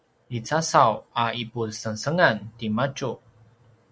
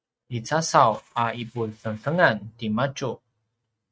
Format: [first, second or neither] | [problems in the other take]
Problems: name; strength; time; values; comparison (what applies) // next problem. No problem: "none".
first | noise reduction (neural mask model RNNoise)